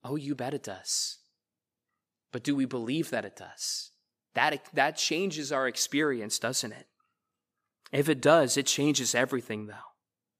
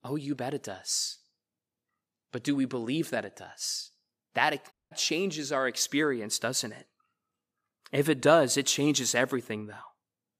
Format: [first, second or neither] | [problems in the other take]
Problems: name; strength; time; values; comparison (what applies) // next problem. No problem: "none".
first | audio cutting out; at 4.5 s